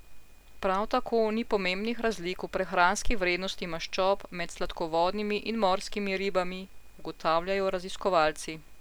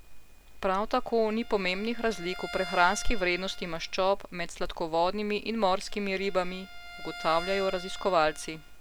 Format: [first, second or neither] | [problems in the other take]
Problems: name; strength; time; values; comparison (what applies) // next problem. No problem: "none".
first | background sound (Bowed string instrument); 16 dB below the speech